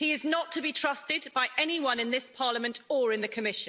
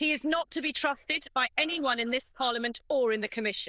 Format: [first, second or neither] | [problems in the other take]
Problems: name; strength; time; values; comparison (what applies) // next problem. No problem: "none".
first | noise reduction (neural diffusion model UNIVERSE++)